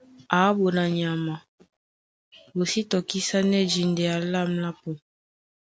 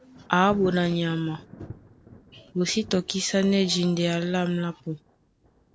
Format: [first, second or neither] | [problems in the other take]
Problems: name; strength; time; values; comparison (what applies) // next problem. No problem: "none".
first | background sound (Thunder); 19 dB below the speech